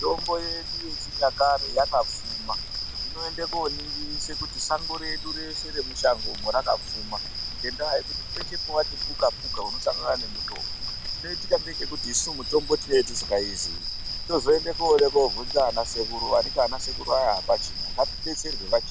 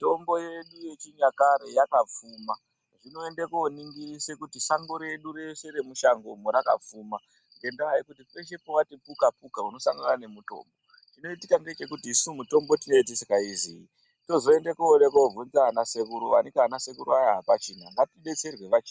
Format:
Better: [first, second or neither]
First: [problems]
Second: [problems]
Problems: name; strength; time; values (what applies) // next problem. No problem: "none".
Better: second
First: background sound (Rain + Cricket); 5 dB below the speech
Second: none